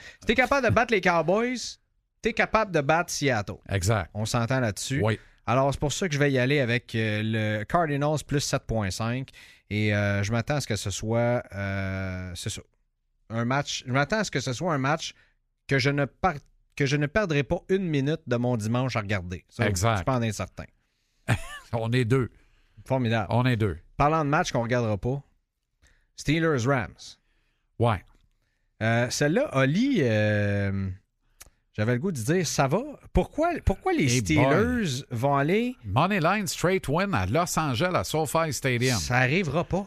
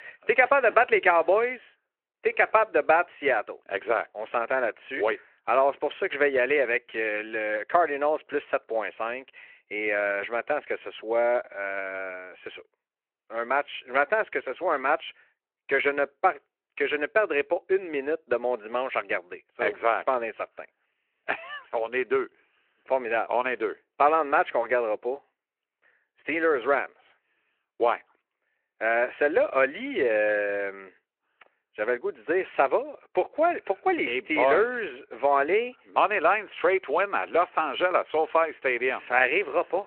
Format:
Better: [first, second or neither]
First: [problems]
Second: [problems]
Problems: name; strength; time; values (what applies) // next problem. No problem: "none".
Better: first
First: none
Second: phone-call audio